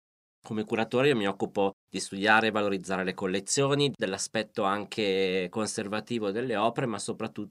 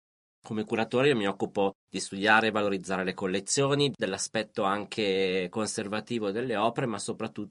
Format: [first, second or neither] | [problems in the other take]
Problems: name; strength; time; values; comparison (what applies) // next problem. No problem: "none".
first | garbled, watery; slightly; nothing above 10.5 kHz